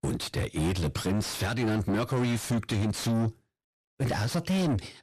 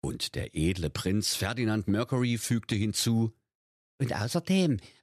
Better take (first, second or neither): second